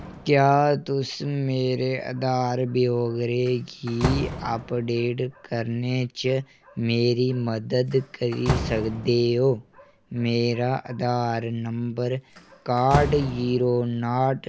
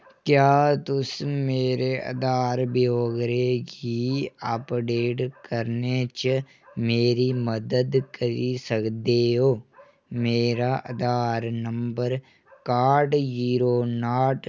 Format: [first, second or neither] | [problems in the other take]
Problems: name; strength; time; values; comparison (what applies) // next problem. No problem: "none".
second | background sound (Slam); 11 dB below the speech